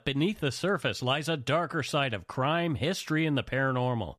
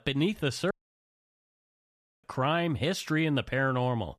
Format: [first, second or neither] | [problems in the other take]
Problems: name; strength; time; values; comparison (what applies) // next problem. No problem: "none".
first | audio cutting out; at 0.5 s for 1.5 s